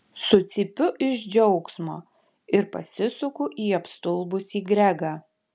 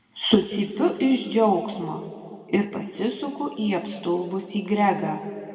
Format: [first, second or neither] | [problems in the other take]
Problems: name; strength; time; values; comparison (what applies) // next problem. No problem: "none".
first | room echo; dies away in 2.2 s